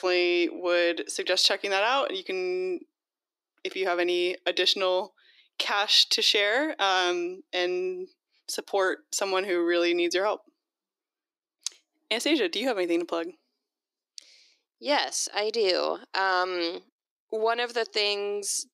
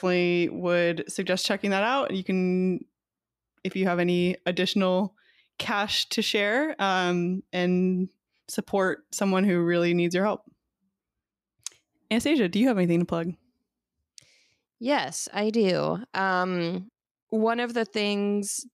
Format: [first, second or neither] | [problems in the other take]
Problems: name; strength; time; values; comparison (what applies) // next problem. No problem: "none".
second | thin; very; fading below 300 Hz